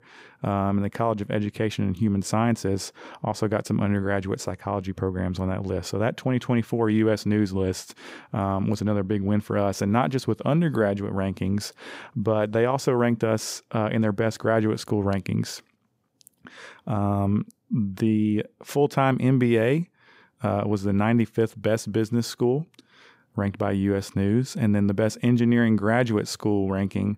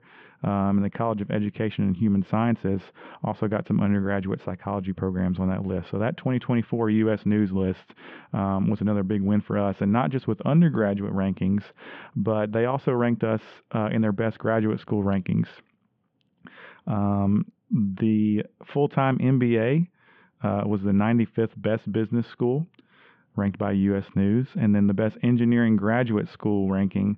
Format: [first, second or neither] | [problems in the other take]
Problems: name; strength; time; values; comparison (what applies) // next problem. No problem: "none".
first | muffled; very; fading above 3 kHz